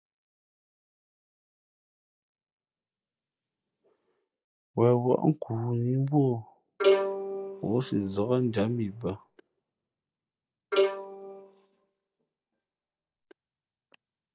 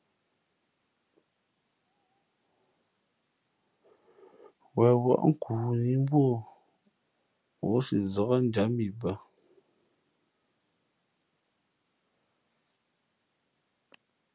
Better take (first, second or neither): second